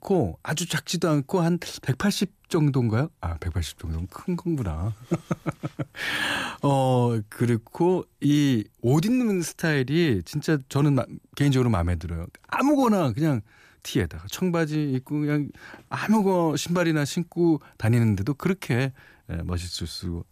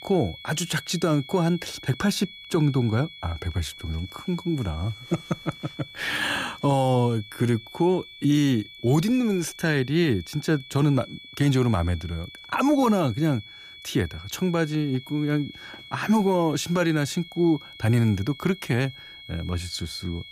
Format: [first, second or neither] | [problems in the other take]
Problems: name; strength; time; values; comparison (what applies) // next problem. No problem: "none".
first | high-pitched whine; noticeable; throughout; 3.5 kHz, 15 dB below the speech